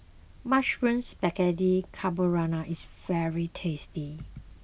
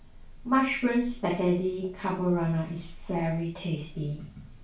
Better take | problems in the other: first | room echo; dies away in 0.4 s

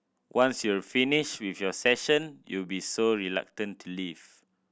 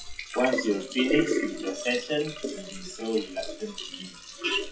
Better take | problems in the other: first | noise reduction (classical method WPE with log-MMSE)

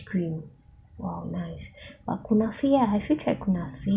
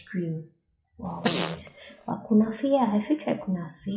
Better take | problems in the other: first | noise reduction (classical method WPE with log-MMSE)

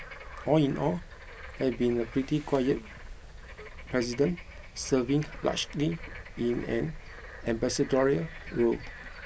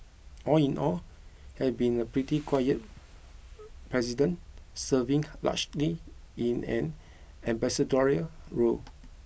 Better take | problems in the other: second | background sound (Bird / Frog); 15 dB below the speech

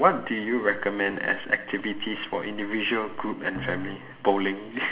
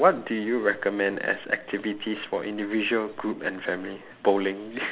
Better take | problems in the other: second | background sound (Drum); 16 dB below the speech // room echo; dies away in 2.3 s

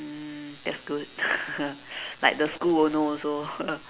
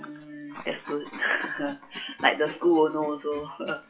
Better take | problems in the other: first | noise reduction (classical method WPE with log-MMSE)

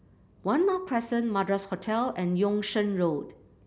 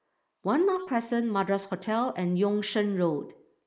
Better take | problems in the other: first | noise reduction (neural mask model Resemble Enhance denoiser)

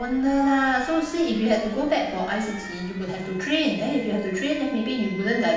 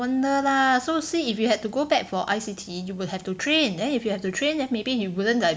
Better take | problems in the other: second | background sound (Alarm); 17 dB below the speech // room echo; dies away in 0.8 s

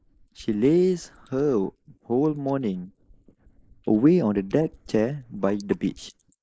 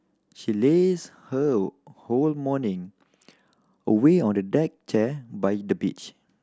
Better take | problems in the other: second | noise reduction (neural mask model Resemble Enhance denoiser)

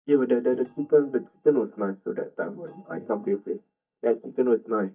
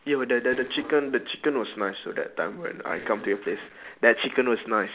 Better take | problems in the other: second | noise reduction (neural mask model DeepFilterNet 3)

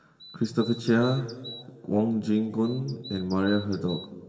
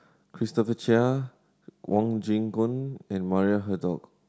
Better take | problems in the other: second | background sound (Bird vocalization, bird call, bird song); 17 dB below the speech // room echo; dies away in 1.7 s

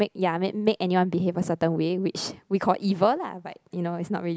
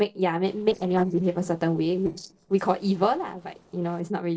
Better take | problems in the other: first | noise reduction (neural separator model SepFormer DNS4)

